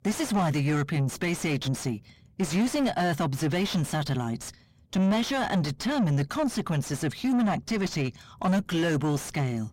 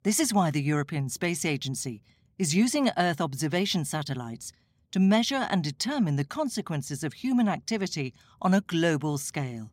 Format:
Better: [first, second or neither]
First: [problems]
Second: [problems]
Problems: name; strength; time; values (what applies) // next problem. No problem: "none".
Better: second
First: distortion; heavy; 6 dB below the speech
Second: none